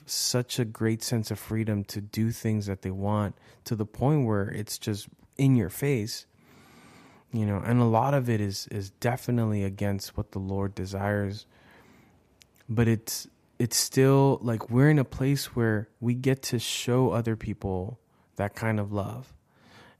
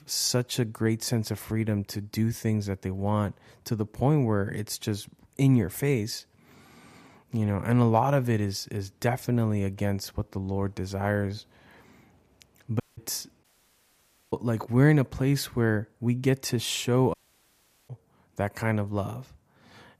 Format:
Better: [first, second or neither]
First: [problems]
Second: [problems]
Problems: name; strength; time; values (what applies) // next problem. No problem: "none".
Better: first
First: none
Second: audio cutting out; at 13 s for 1 s and at 17 s for 1 s